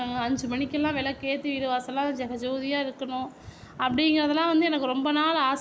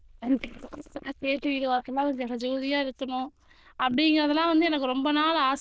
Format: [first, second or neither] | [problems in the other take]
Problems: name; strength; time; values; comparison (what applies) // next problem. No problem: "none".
first | noise reduction (neural diffusion model UNIVERSE++)